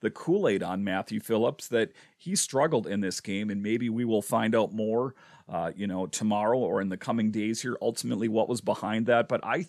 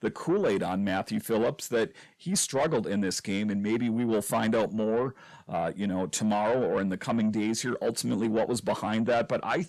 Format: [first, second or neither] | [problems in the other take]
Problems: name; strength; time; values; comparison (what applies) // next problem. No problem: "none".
first | distortion; slight; 10 dB below the speech